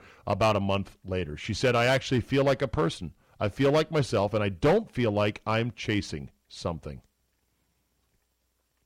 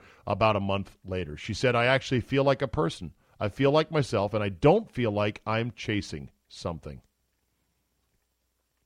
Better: second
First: distortion; slight; 3% of the sound clipped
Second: none

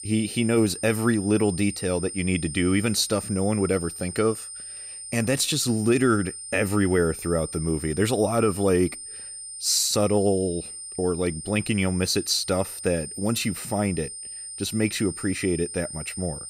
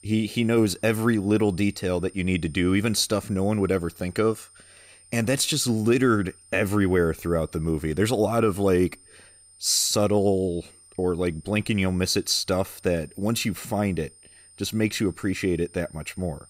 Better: second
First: high-pitched whine; loud; throughout; 9 kHz, 10 dB below the speech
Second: high-pitched whine; faint; throughout; 9 kHz, 25 dB below the speech

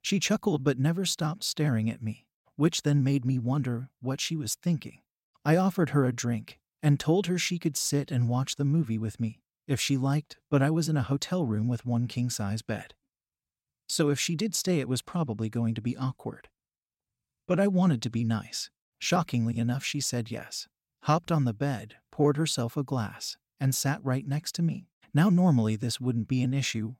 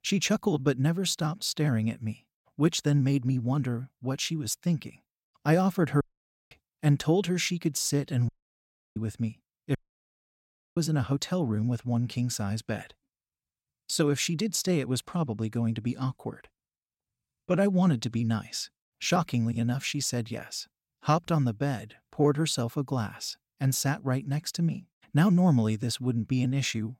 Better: first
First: none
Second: audio cutting out; at 6 s for 0.5 s, at 8.5 s for 0.5 s and at 10 s for 1 s

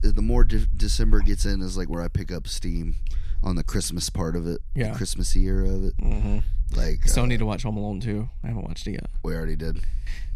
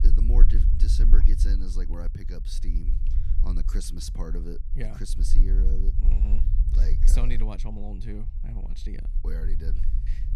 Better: first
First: low rumble; faint; throughout; 20 dB below the speech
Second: low rumble; loud; throughout; 6 dB below the speech

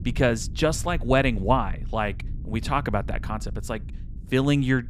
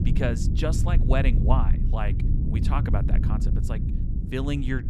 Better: first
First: low rumble; faint; throughout; 25 dB below the speech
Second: low rumble; loud; throughout; 6 dB below the speech

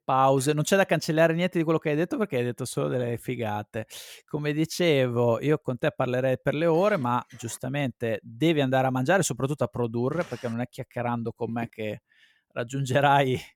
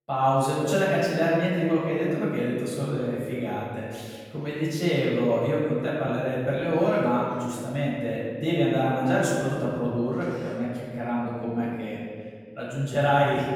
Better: first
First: none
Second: room echo; strong; dies away in 1.7 s // off-mic speech; far

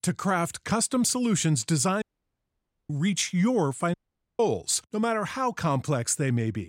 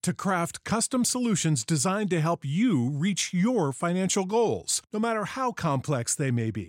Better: second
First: audio cutting out; at 2 s for 1 s and at 4 s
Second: none

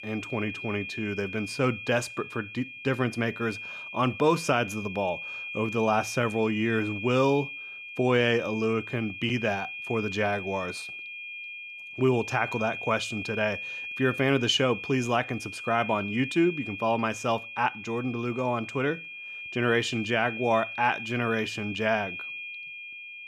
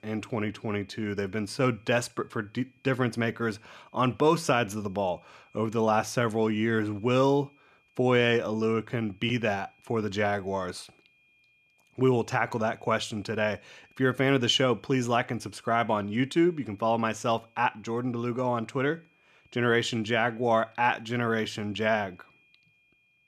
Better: second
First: high-pitched whine; loud; throughout; 2.5 kHz, 8 dB below the speech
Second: high-pitched whine; faint; throughout; 2.5 kHz, 35 dB below the speech

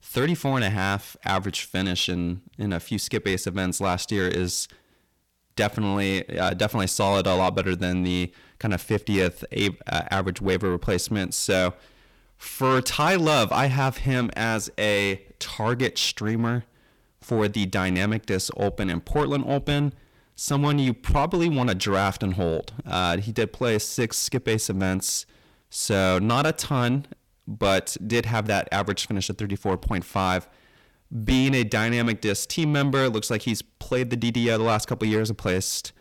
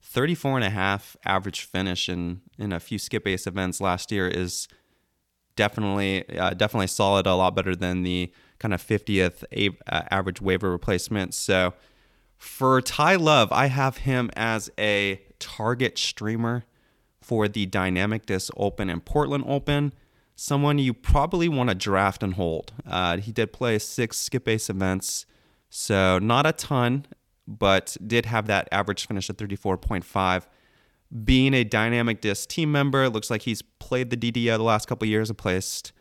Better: second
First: distortion; slight; 10 dB below the speech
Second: none

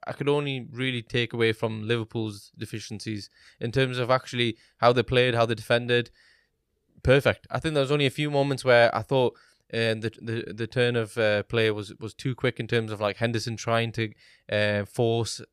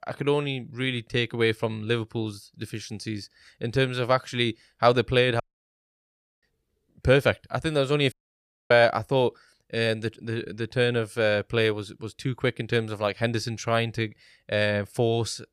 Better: first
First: none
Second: audio cutting out; at 5.5 s for 1 s and at 8 s for 0.5 s

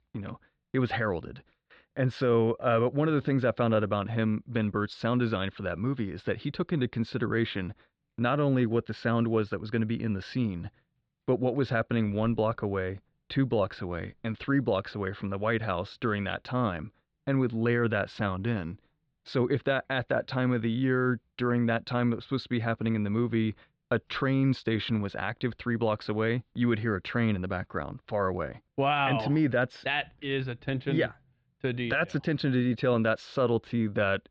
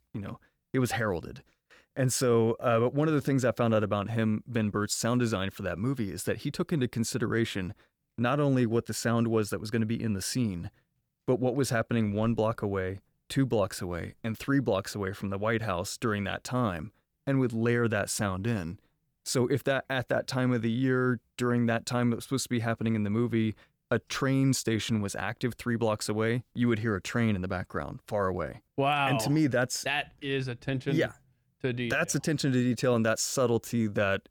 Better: second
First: muffled; slightly; fading above 4 kHz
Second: none

